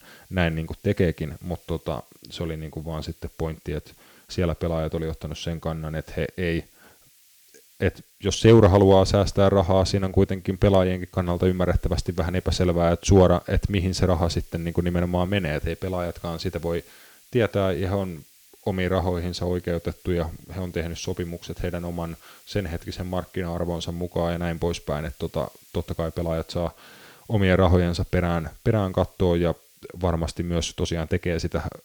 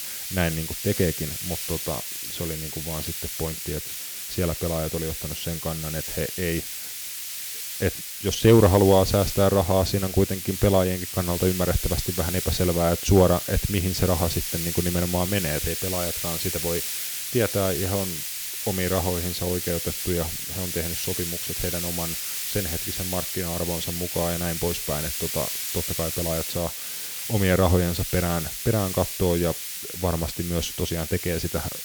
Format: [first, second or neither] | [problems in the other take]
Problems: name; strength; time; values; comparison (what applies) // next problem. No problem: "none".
first | hiss; loud; throughout; 3 dB below the speech; faint in the first